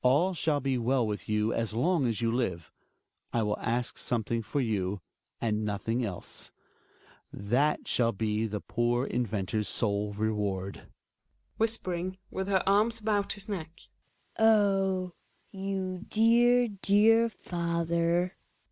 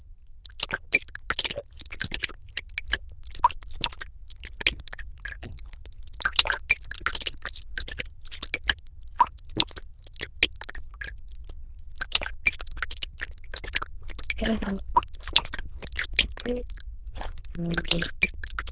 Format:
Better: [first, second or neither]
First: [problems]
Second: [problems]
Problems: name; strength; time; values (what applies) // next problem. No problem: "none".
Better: first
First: none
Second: noise reduction (neural diffusion model UNIVERSE++)